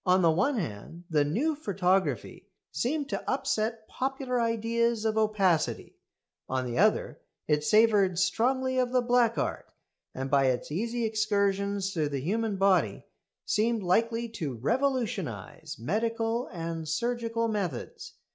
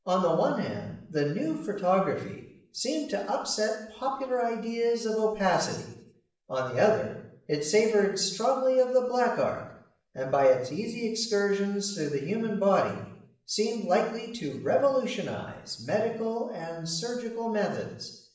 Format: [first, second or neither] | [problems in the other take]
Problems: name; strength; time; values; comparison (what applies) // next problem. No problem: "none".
first | room echo; dies away in 0.7 s